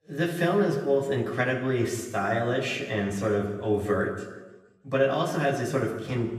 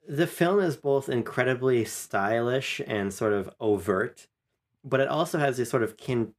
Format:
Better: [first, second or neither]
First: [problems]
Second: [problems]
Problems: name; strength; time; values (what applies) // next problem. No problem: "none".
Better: second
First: room echo; noticeable; dies away in 1.1 s // off-mic speech; somewhat distant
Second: none